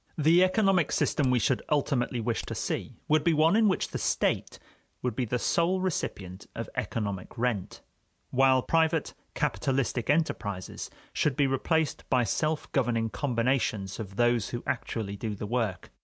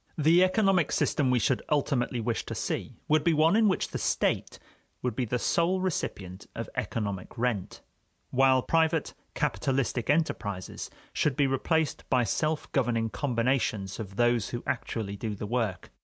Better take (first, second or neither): second